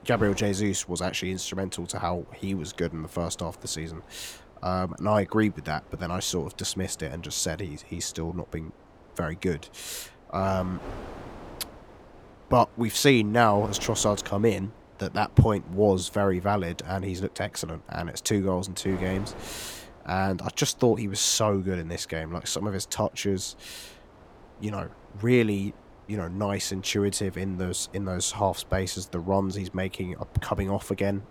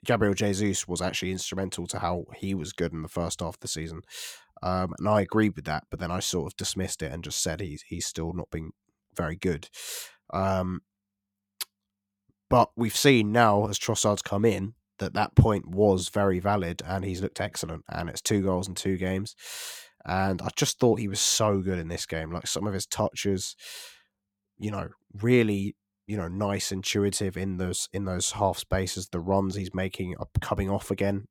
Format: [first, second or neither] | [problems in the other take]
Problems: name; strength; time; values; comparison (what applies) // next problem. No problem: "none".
second | wind noise on the microphone; occasional gusts; 20 dB below the speech